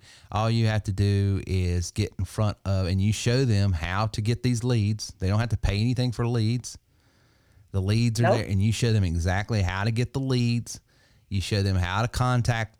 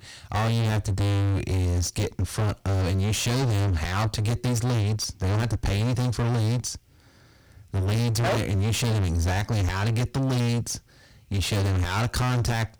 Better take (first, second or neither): first